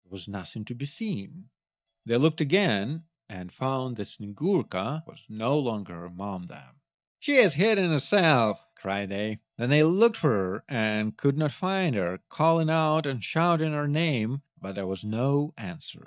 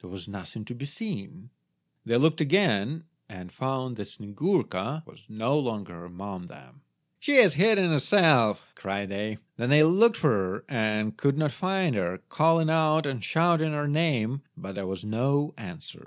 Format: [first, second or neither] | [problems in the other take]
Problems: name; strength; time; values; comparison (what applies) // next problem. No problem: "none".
second | noise reduction (neural mask model DeepFilterNet 3)